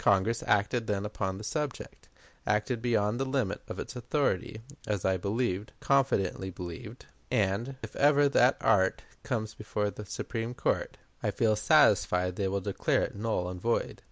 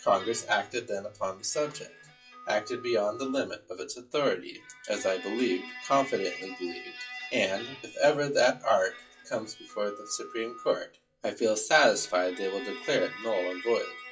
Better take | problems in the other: first | noise reduction (classical method WPE with log-MMSE)

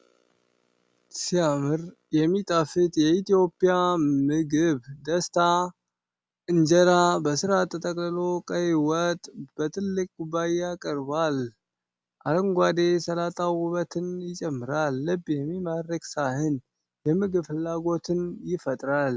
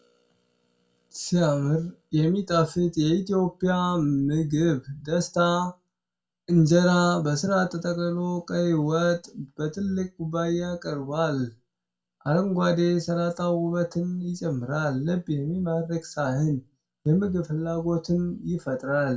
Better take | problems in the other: first | room echo; dies away in 0.2 s

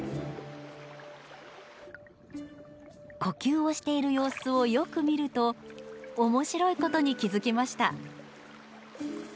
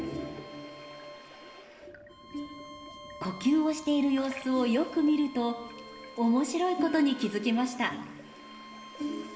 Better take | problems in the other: first | background sound (Bowed string instrument); 20 dB below the speech // room echo; dies away in 1.1 s

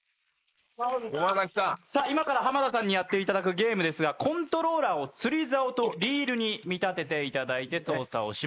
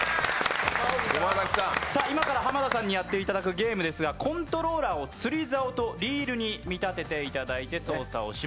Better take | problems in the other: second | noise reduction (neural mask model Resemble Enhance denoiser)

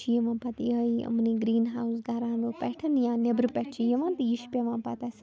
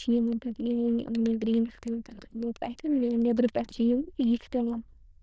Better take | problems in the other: first | noise reduction (neural diffusion model UNIVERSE++)

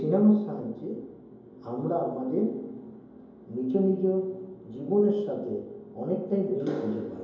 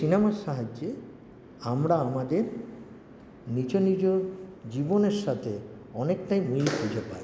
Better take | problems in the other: second | room echo; dies away in 2.8 s

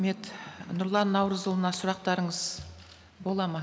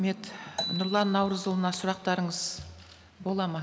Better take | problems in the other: first | background sound (Marimba, xylophone); 10 dB below the speech

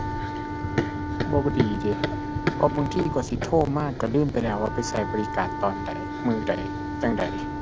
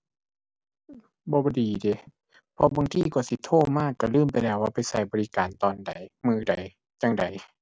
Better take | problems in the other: second | background sound (Run + Wind instrument, woodwind instrument); 2 dB below the speech

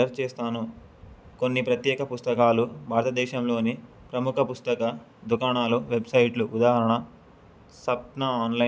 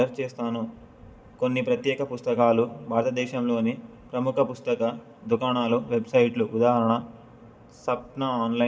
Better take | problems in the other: first | room echo; dies away in 2.4 s

